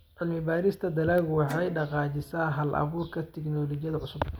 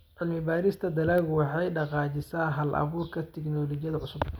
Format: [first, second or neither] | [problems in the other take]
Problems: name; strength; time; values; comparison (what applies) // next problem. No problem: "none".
second | background sound (Guitar); 18 dB below the speech